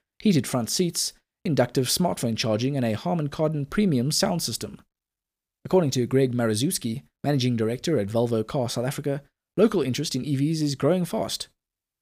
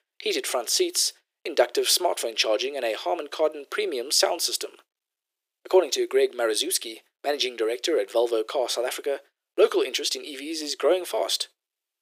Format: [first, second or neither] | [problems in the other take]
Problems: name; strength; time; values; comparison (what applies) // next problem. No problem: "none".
first | thin; very; fading below 350 Hz